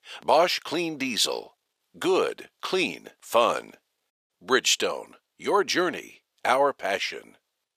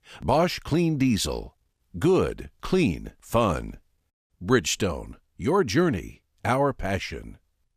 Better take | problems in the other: second | thin; somewhat; fading below 550 Hz

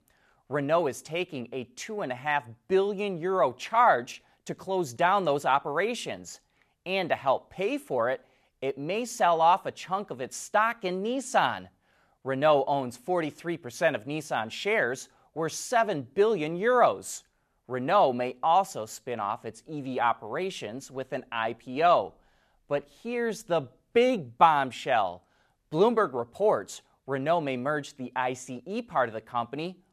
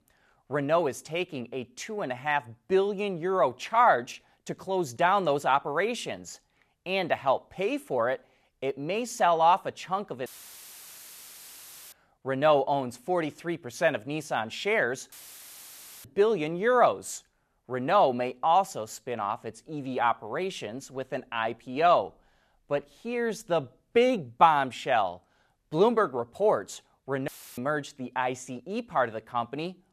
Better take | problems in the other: first | audio cutting out; filled with static; at 10 s for 1.5 s, at 15 s for 1 s and at 27 s

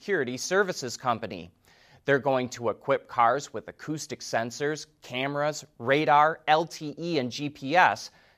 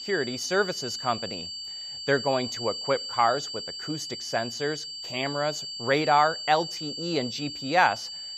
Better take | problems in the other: first | high-pitched whine; loud; throughout; 4.5 kHz, 6 dB below the speech

